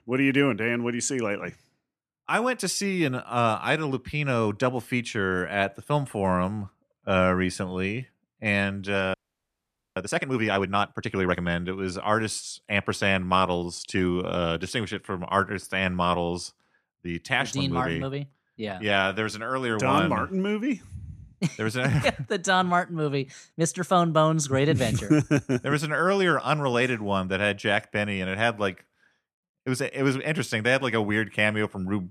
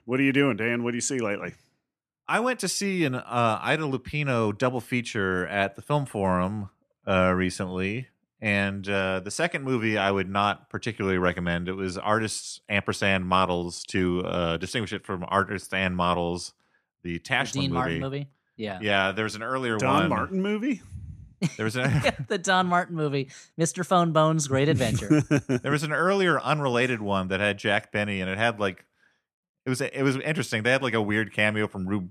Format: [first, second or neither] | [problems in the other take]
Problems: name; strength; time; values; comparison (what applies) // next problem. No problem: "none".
second | audio freezing; at 9 s for 1 s